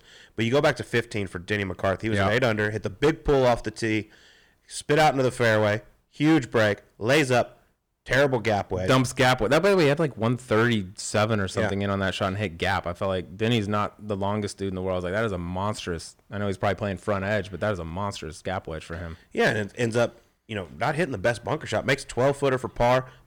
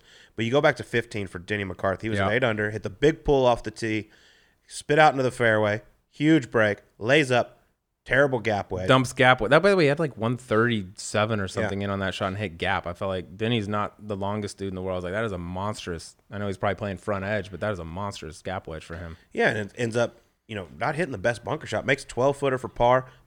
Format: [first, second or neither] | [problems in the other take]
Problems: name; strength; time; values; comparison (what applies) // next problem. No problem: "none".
second | distortion; slight; 5% of the sound clipped